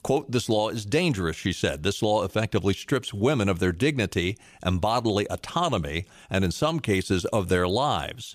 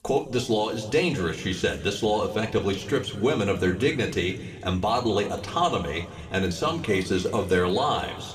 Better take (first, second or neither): first